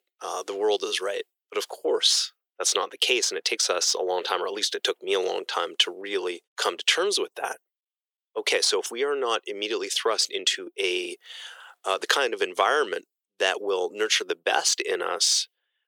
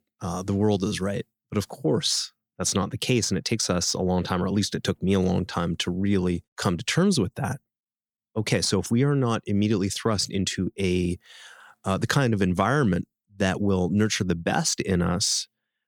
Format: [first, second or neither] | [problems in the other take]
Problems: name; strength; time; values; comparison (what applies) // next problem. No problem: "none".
second | thin; very; fading below 400 Hz